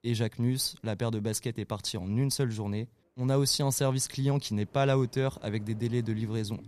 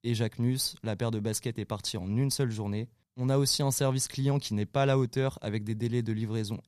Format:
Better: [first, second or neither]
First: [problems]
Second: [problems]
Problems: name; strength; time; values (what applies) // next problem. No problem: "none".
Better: second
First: traffic noise; faint; throughout; 25 dB below the speech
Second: none